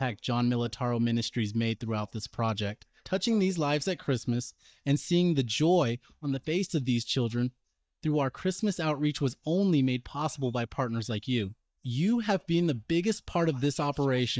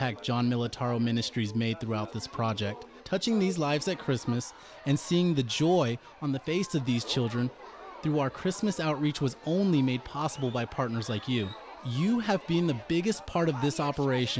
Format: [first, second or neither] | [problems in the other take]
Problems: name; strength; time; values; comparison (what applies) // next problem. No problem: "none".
second | noise reduction (neural mask model DeepFilterNet 3)